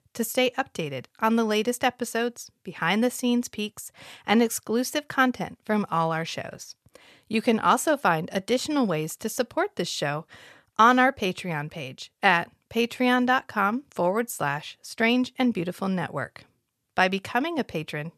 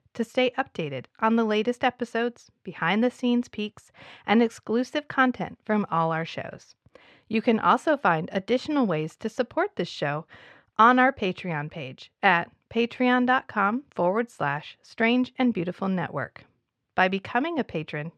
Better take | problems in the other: first | muffled; slightly; fading above 3 kHz

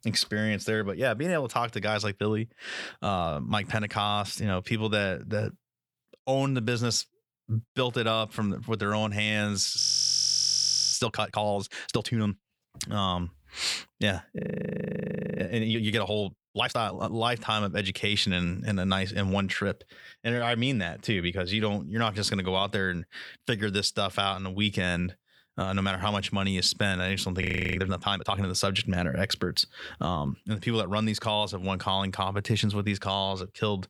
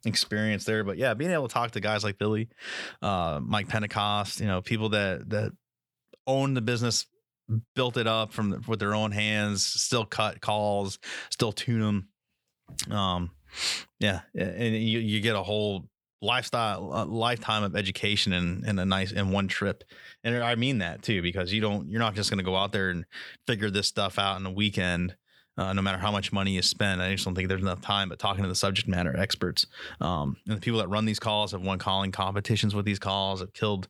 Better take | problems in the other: second | audio freezing; at 10 s for 1 s, at 14 s for 1 s and at 27 s

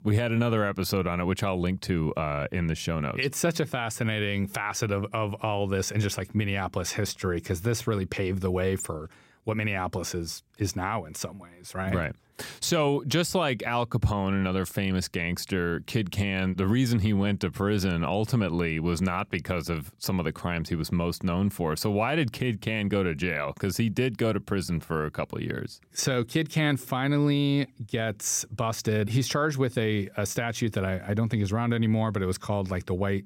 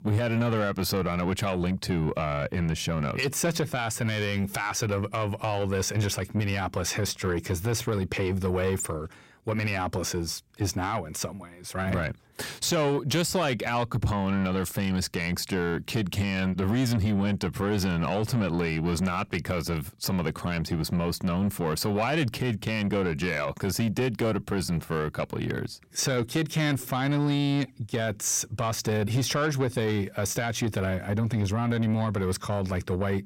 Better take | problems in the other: first | distortion; slight; 10 dB below the speech

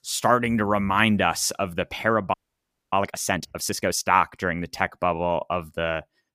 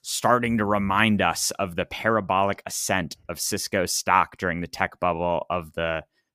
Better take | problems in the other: second | audio freezing; at 2.5 s for 0.5 s

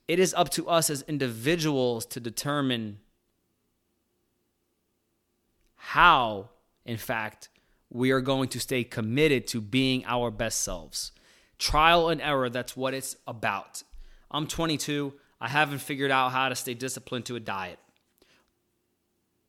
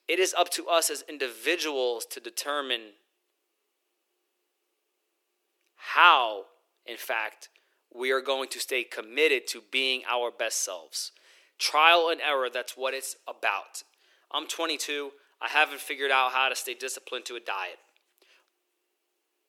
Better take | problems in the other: first | thin; very; fading below 350 Hz

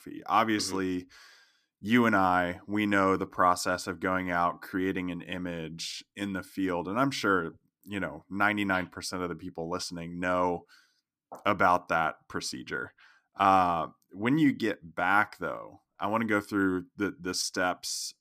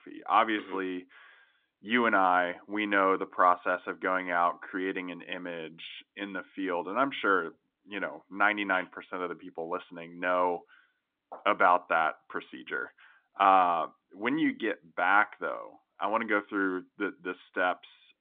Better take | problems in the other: first | phone-call audio; nothing above 3.5 kHz

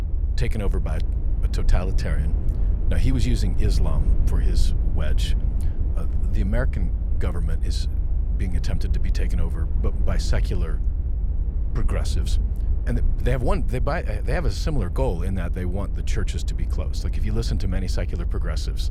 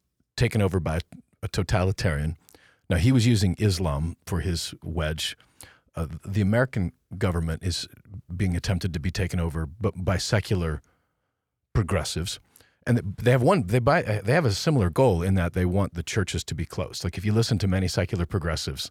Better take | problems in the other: second | low rumble; loud; throughout; 10 dB below the speech

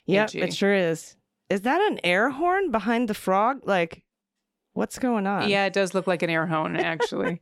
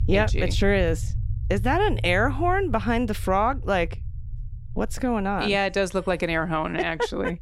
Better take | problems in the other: first | low rumble; faint; throughout; 25 dB below the speech

